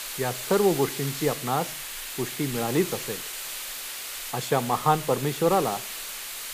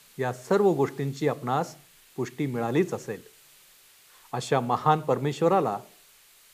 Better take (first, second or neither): second